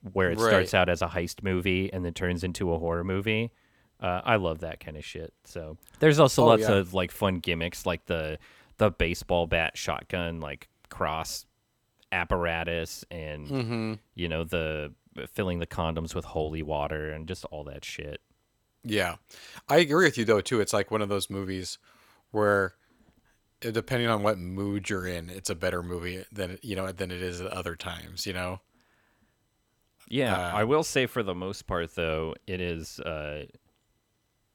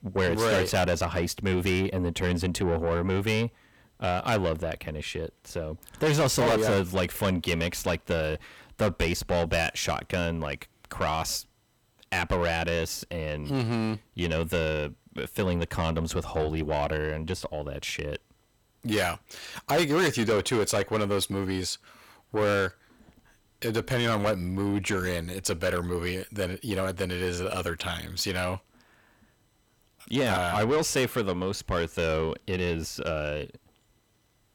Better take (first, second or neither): first